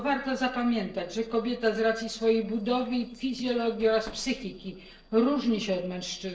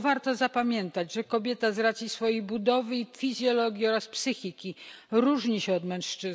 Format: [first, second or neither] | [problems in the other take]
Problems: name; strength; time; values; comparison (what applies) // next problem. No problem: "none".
second | noise reduction (neural separator model SepFormer DNS4)